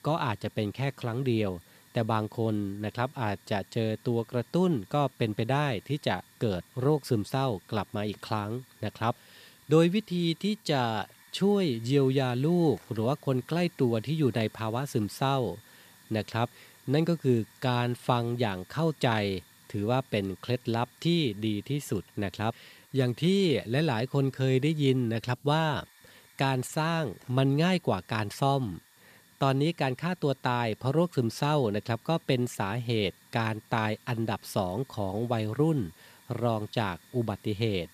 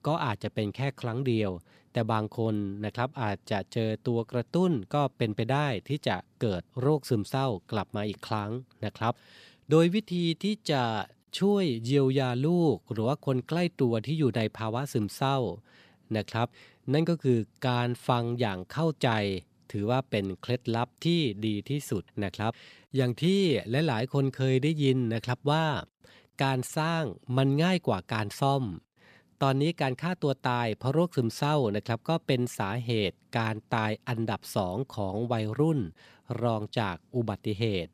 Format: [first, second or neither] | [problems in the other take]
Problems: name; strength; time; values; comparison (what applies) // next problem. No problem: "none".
second | hiss; faint; throughout; 25 dB below the speech